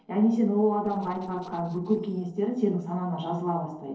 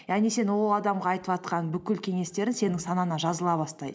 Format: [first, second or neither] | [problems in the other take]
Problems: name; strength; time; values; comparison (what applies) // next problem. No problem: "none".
second | noise reduction (neural separator model SepFormer DNS4)